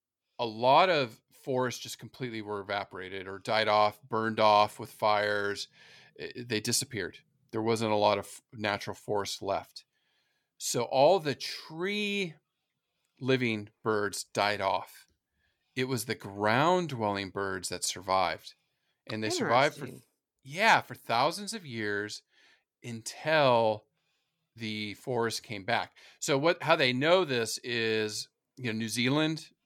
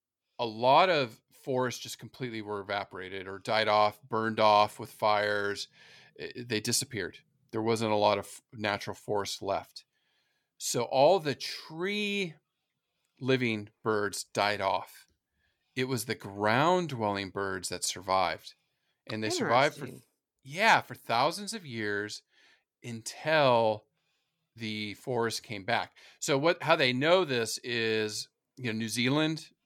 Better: neither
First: none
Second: none

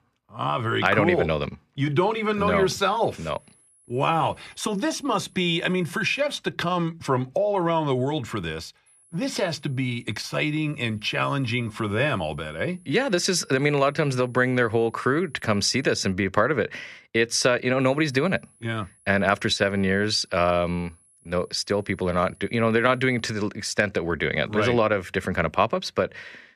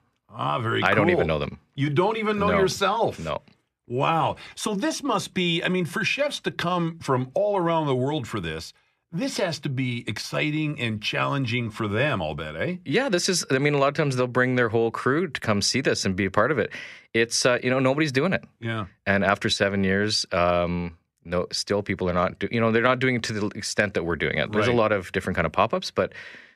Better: second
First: high-pitched whine; faint; from 2.5 to 6 s, from 9 to 16 s and from 18 to 23 s; 10.5 kHz, 30 dB below the speech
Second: none

